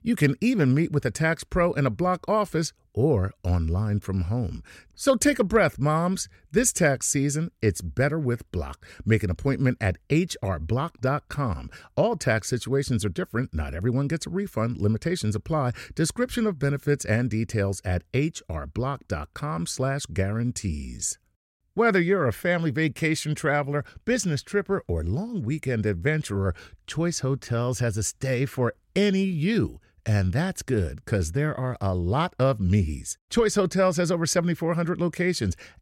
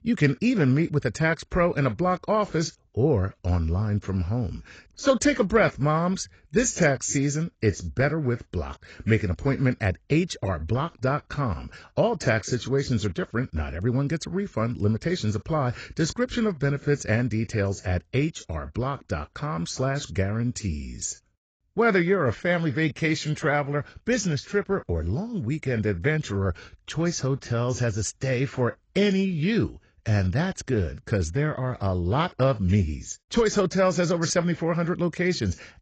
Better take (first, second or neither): first